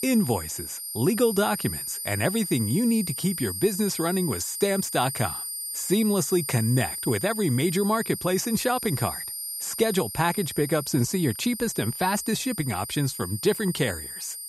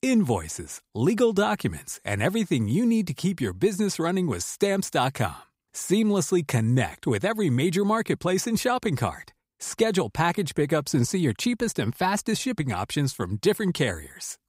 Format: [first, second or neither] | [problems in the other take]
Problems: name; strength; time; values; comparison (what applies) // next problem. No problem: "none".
second | high-pitched whine; loud; throughout; 9 kHz, 6 dB below the speech